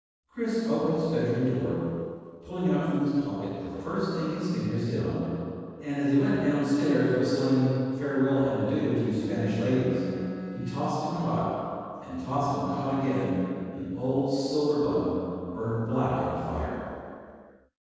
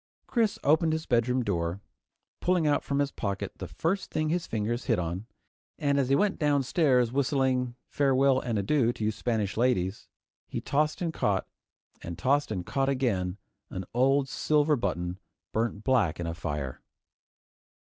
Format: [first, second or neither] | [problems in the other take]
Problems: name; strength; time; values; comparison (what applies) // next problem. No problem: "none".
second | noise reduction (neural separator model SepFormer DNS4)